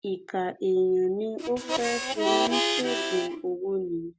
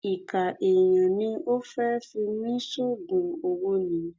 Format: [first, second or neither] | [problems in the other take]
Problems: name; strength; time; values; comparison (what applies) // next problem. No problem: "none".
second | background sound (Harmonica); as loud as the speech